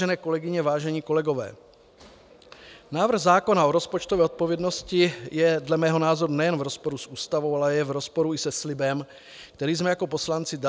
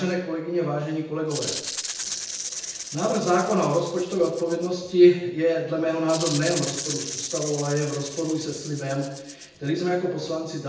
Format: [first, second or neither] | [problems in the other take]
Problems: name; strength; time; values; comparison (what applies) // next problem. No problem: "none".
first | background sound (Rattle (instrument)); 11 dB below the speech // room echo; dies away in 0.8 s